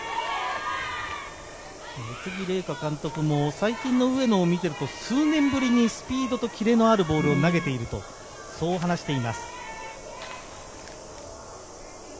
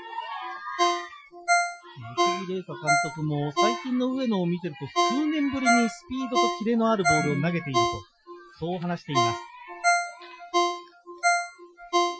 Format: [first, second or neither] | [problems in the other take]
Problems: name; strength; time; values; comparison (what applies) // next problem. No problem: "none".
first | noise reduction (classical method Wiener filter)